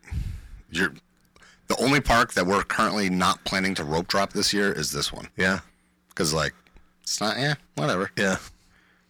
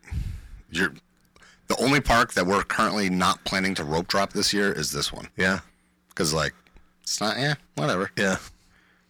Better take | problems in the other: neither | distortion; heavy; 6 dB below the speech; the same in both

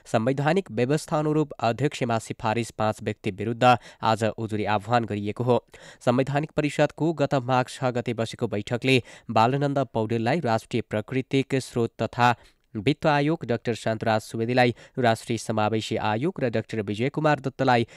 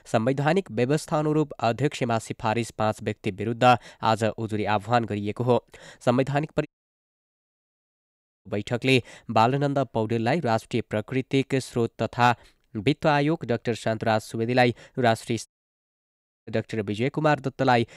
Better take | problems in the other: first | audio cutting out; at 6.5 s for 2 s and at 15 s for 1 s

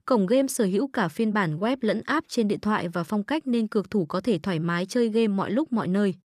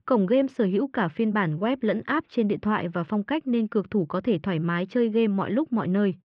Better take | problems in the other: first | muffled; very; fading above 3 kHz

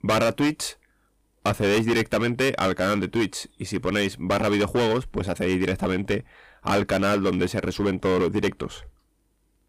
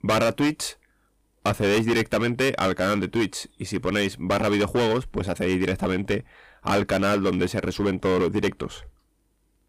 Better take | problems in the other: neither | distortion; heavy; 13% of the sound clipped; the same in both

